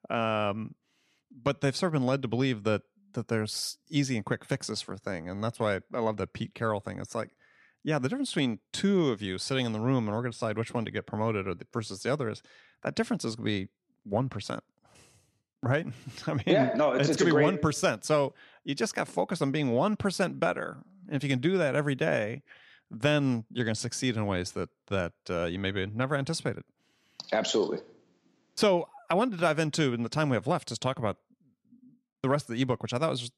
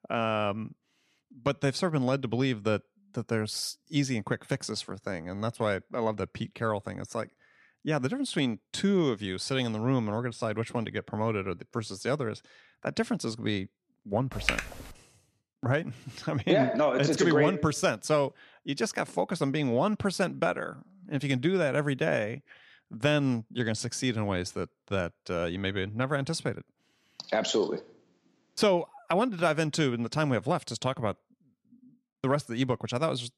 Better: first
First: none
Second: keyboard typing; noticeable; at 14 s; peak level with the speech

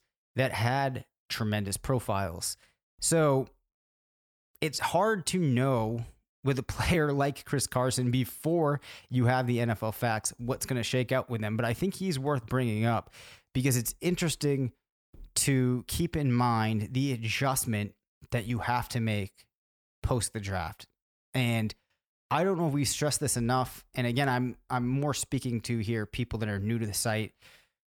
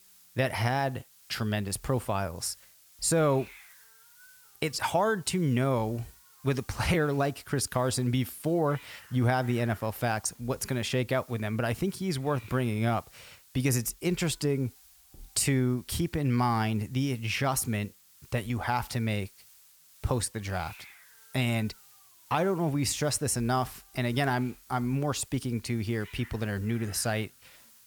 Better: first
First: none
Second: hiss; faint; throughout; 25 dB below the speech

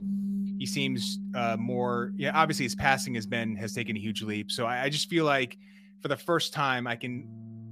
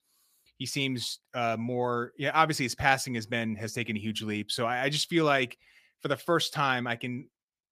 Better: second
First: background music; loud; throughout; 8 dB below the speech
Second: none

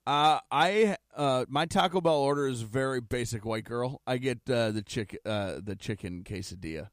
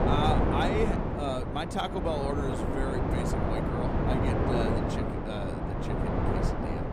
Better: first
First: none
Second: wind noise on the microphone; heavy; 1 dB above the speech

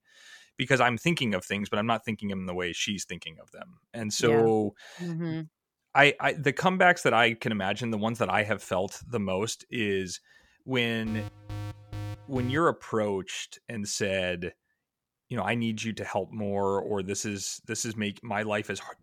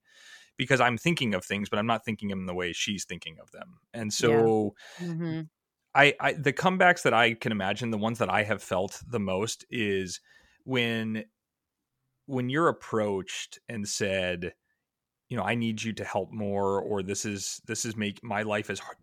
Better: second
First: alarm; faint; from 11 to 13 s; peak 10 dB below the speech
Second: none

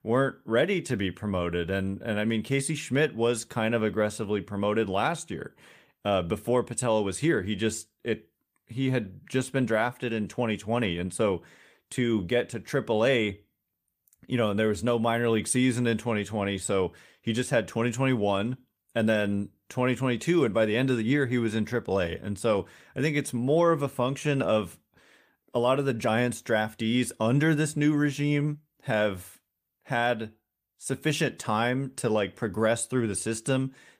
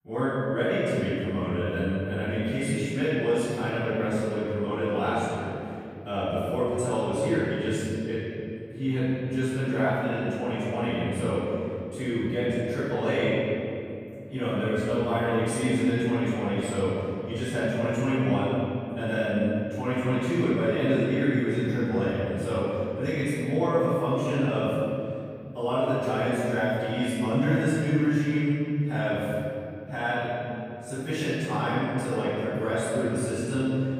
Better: first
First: none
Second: off-mic speech; far // room echo; strong; dies away in 2.8 s

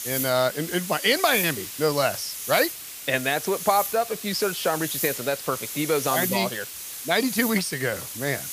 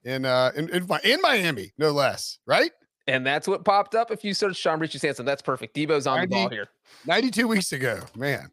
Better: second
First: hiss; loud; throughout; 6 dB below the speech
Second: none

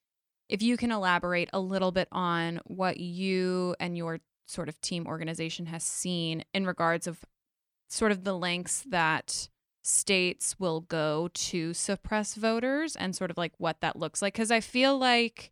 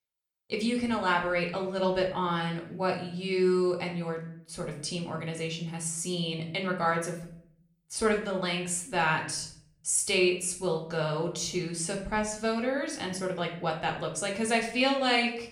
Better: first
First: none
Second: room echo; slight; dies away in 0.5 s // off-mic speech; somewhat distant

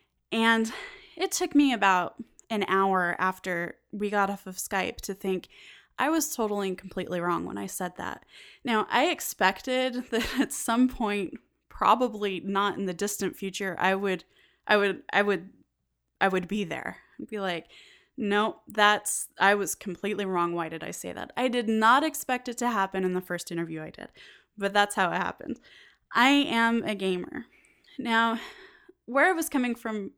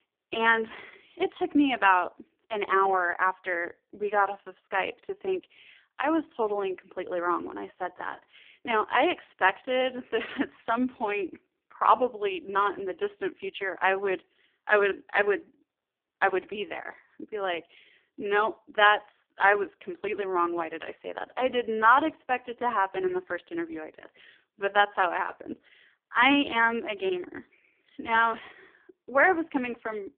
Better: first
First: none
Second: phone-call audio; poor line; nothing above 3 kHz

